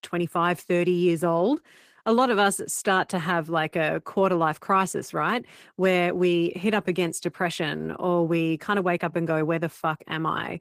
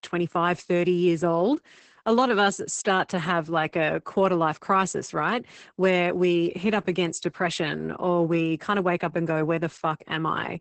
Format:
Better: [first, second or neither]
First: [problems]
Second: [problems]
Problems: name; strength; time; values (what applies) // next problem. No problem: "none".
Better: first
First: garbled, watery; slightly; nothing above 15 kHz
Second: garbled, watery; badly; nothing above 8 kHz